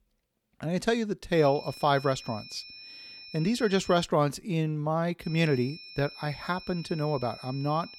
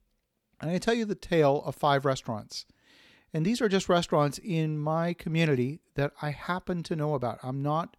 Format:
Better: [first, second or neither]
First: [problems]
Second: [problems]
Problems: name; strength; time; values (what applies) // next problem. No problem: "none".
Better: second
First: high-pitched whine; noticeable; from 1.5 to 4 s and from 5 s on; 5.5 kHz, 15 dB below the speech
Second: none